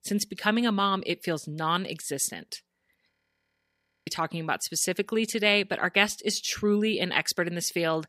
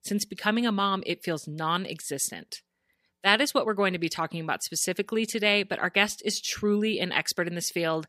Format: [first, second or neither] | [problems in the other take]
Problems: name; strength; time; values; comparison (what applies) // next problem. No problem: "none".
second | audio freezing; at 3 s for 1 s